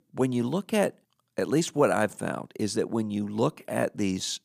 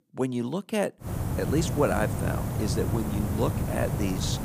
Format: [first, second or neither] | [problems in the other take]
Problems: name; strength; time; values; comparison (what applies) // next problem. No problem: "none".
first | hiss; loud; from 1 s on; as loud as the speech